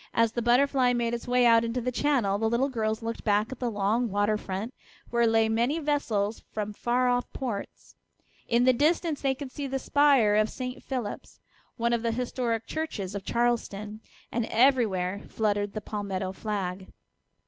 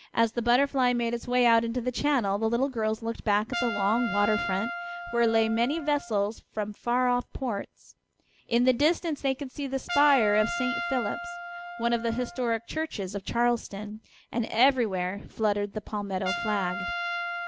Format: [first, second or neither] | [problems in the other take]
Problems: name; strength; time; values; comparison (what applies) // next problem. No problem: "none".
first | background sound (Trumpet); 10 dB below the speech